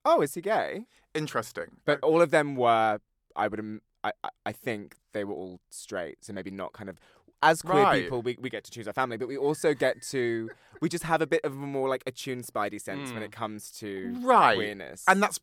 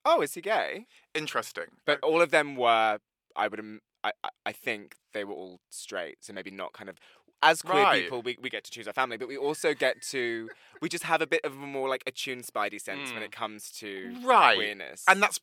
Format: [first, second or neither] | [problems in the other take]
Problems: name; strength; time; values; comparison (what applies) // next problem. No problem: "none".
first | thin; very slightly; fading below 450 Hz